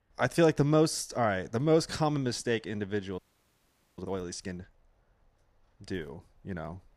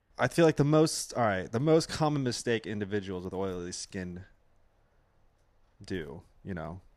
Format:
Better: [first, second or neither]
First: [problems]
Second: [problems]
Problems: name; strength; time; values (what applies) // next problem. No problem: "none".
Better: second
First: audio freezing; at 3 s for 1 s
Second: none